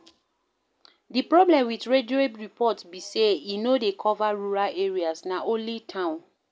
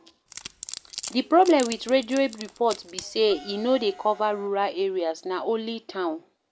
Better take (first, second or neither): first